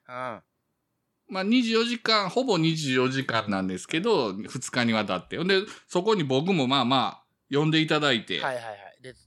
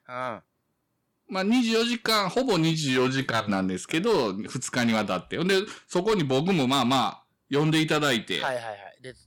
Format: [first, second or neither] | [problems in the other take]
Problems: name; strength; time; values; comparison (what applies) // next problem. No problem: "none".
first | distortion; slight; 7% of the sound clipped